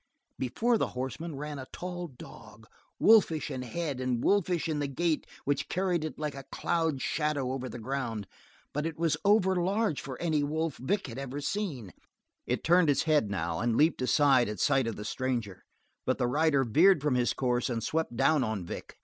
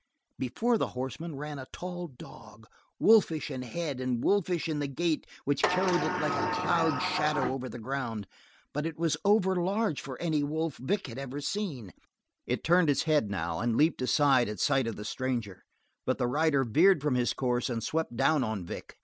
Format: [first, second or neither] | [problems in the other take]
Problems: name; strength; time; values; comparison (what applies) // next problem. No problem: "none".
first | background sound (Sliding door); 2 dB below the speech